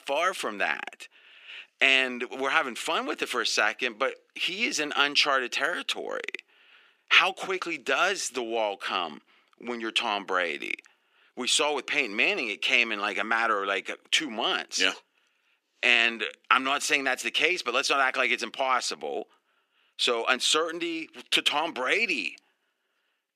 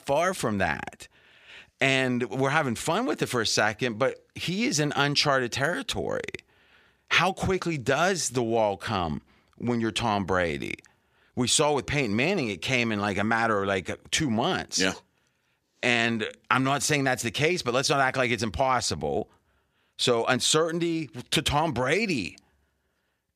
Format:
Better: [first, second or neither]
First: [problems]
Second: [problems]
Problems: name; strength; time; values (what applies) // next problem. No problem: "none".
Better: second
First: thin; somewhat; fading below 300 Hz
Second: none